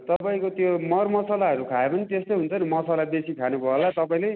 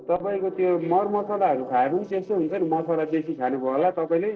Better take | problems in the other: first | noise reduction (neural separator model SepFormer DNS4)

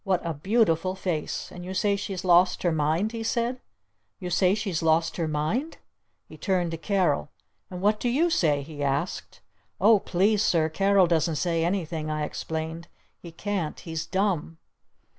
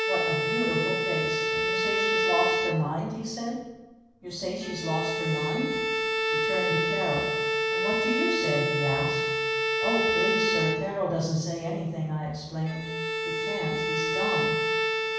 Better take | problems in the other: first | background sound (Bowed string instrument); 3 dB above the speech // room echo; dies away in 1.2 s

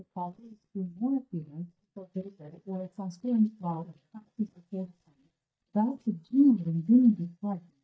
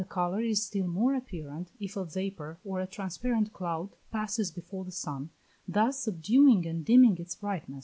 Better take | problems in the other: second | noise reduction (neural mask model DeepFilterNet 3)

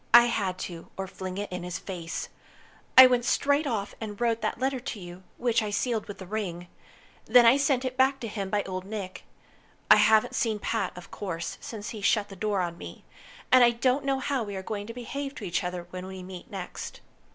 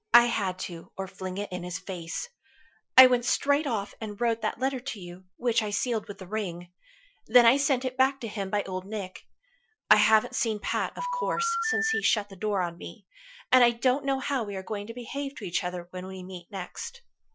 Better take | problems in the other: first | noise reduction (classical method Wiener filter)

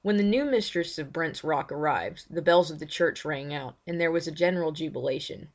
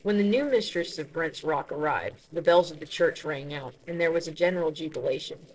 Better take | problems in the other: first | noise reduction (neural separator model SepFormer DNS4)

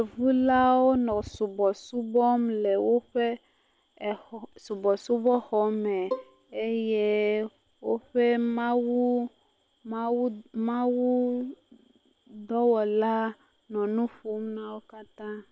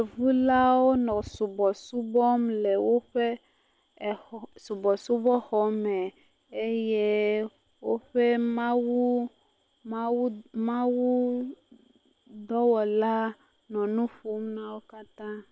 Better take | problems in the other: second | background sound (Bowed string instrument); 10 dB below the speech

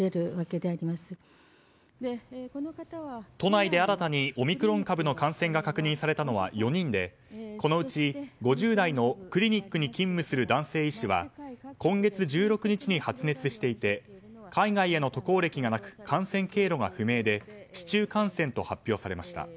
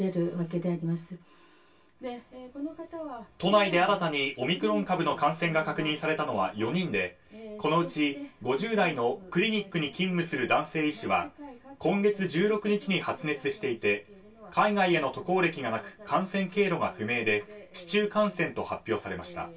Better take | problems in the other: first | room echo; dies away in 0.2 s

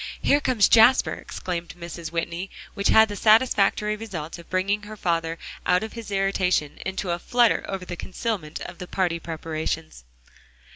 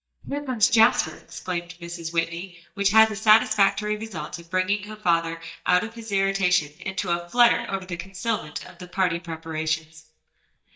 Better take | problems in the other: first | noise reduction (neural mask model DeepFilterNet 3)

